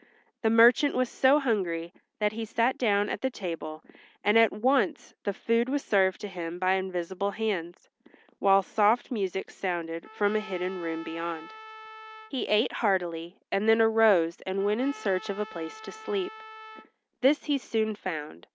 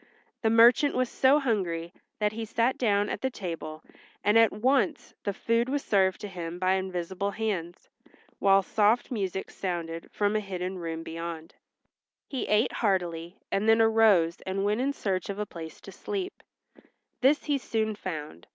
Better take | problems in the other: second | background sound (Trumpet); 19 dB below the speech

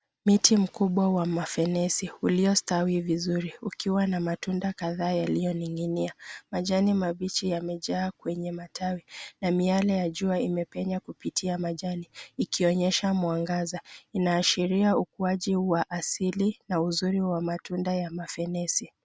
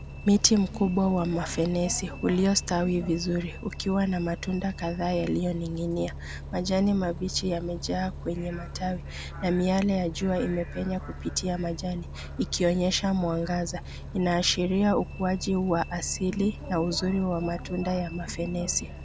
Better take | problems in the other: first | background sound (Bus); 11 dB below the speech

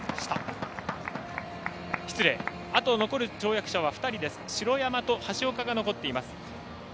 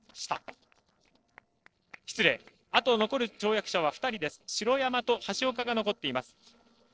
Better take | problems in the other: first | noise reduction (neural separator model SepFormer DNS4)

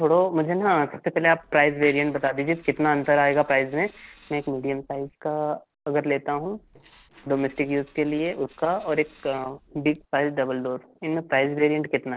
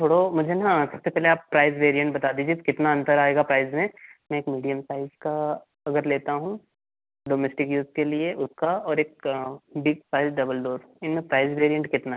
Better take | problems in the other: second | noise reduction (neural separator model SepFormer DNS4)

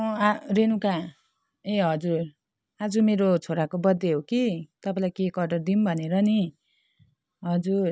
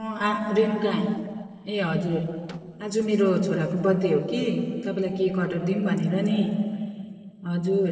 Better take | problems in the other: first | noise reduction (neural separator model SepFormer DNS4)

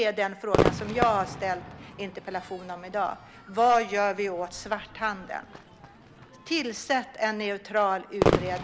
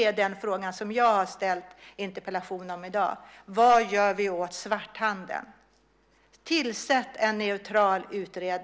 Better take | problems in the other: second | background sound (Crowd / Fireworks); 3 dB below the speech

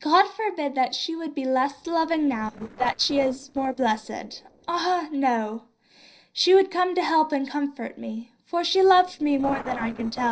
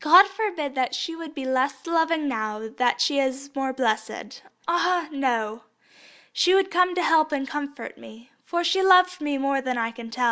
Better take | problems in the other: second | noise reduction (neural separator model SepFormer DNS4)

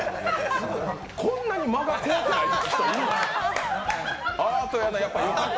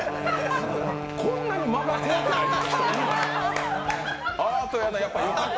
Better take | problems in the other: first | background sound (Wind instrument, woodwind instrument); 8 dB below the speech

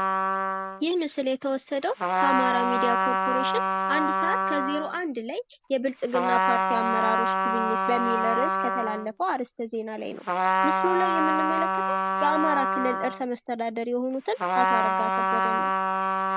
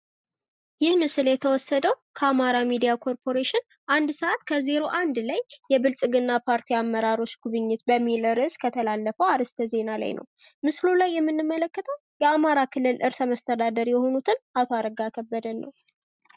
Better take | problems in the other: second | background sound (Trumpet); 3 dB above the speech

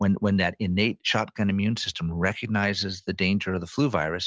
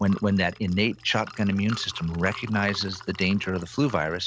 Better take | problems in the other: first | background sound (Liquid); 18 dB below the speech

